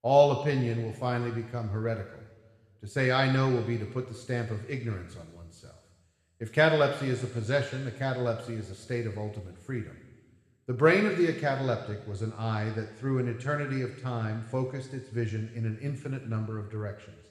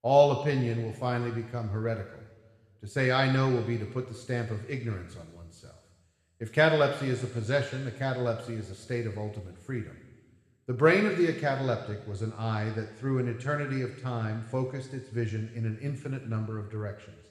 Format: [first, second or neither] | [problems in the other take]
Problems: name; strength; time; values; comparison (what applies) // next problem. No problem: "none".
neither | room echo; noticeable; dies away in 1.5 s; the same in both // off-mic speech; somewhat distant; the same in both